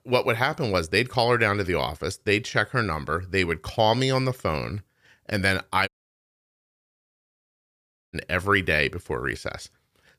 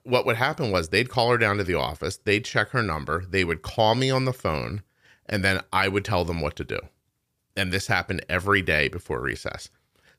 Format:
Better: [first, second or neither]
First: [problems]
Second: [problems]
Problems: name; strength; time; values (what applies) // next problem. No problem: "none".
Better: second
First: audio cutting out; at 6 s for 2.5 s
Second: none